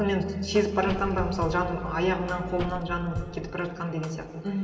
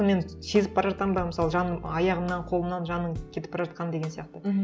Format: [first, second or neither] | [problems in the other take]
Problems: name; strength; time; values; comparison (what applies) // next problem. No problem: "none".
second | background sound (Slam); 12 dB below the speech // room echo; dies away in 2.9 s